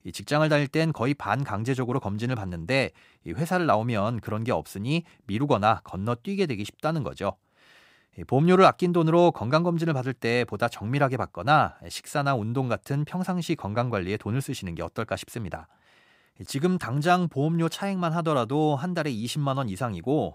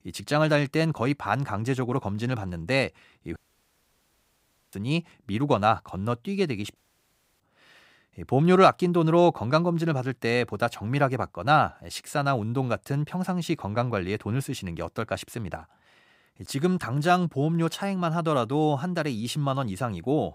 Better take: first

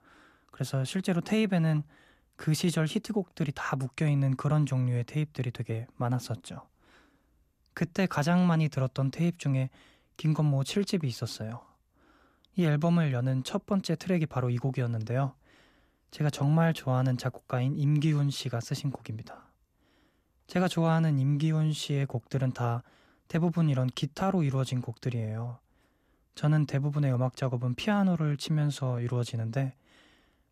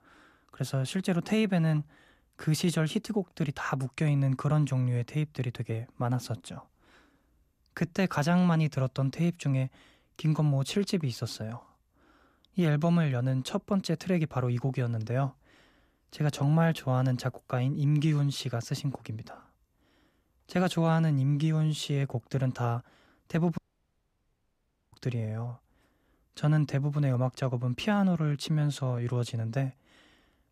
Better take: first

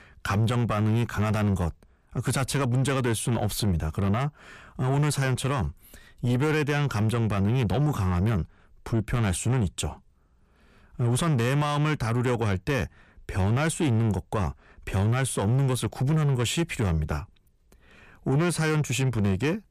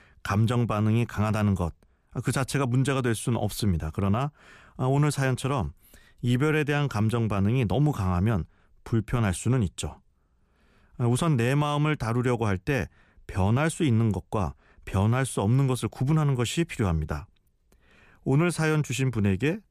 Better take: second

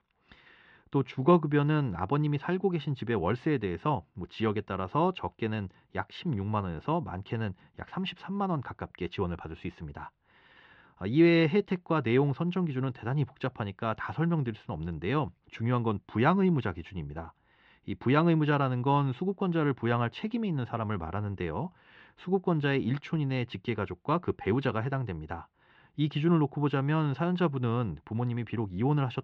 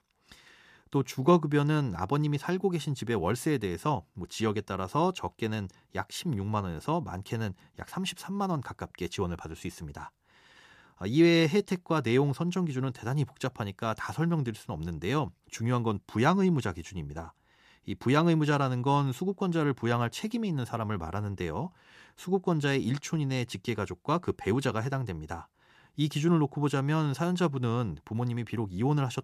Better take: second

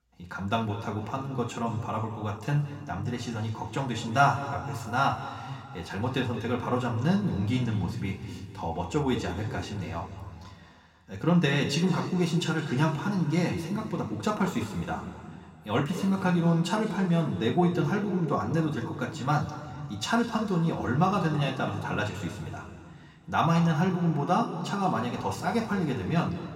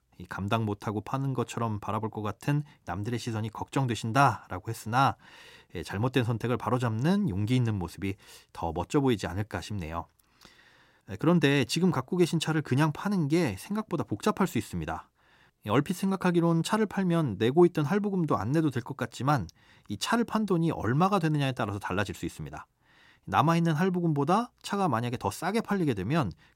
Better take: second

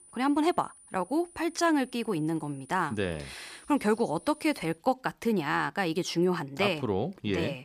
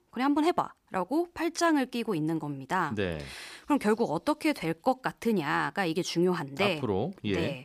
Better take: second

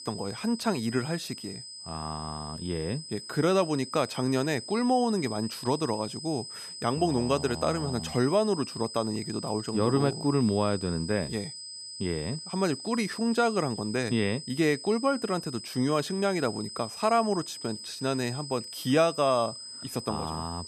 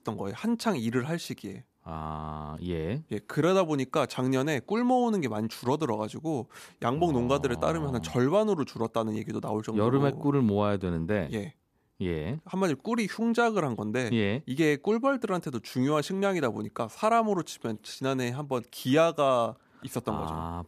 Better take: second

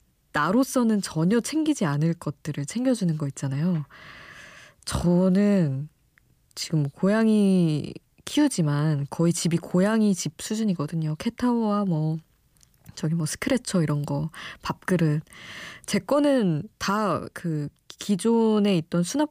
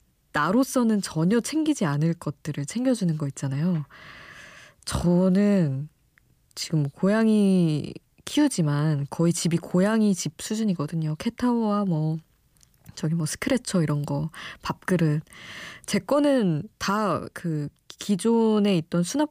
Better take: neither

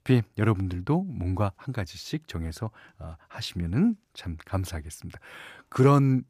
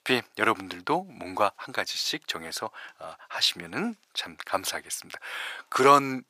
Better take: first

